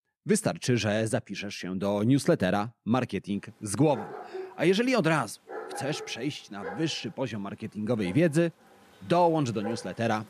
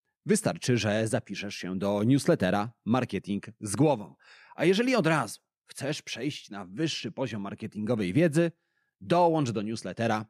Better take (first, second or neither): second